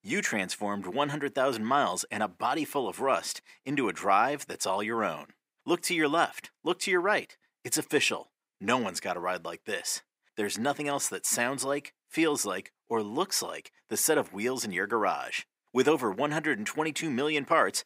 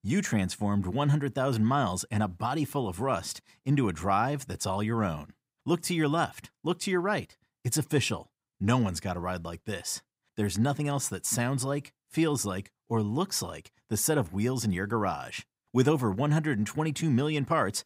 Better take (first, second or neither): second